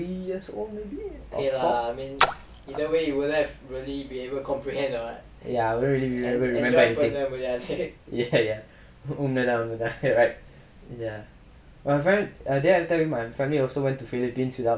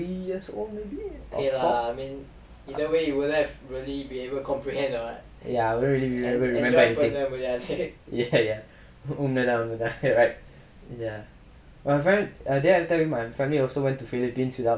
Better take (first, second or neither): second